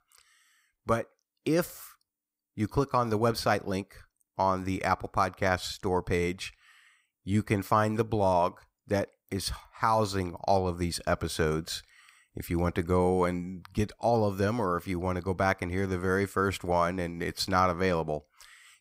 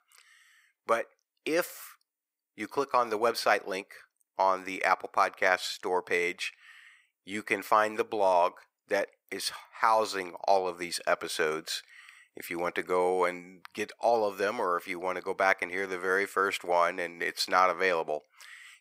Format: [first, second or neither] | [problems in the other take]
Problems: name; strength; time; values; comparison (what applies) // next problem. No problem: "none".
first | thin; very; fading below 500 Hz